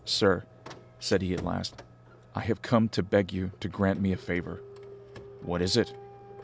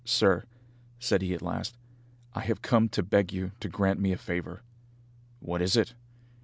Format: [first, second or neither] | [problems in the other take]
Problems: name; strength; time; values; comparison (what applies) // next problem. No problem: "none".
second | background sound (Printer); 18 dB below the speech